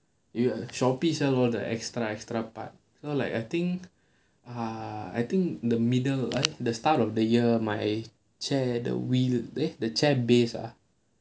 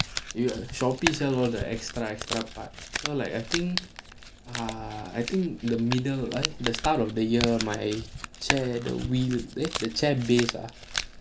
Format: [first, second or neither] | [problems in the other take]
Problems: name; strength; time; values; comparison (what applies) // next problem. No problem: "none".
first | background sound (Crumpling, crinkling); 7 dB below the speech